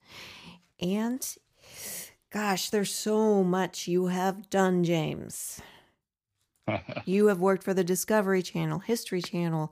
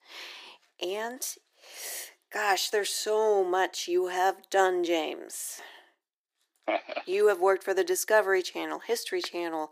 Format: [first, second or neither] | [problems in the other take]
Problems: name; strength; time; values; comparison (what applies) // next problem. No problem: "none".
first | thin; very; fading below 350 Hz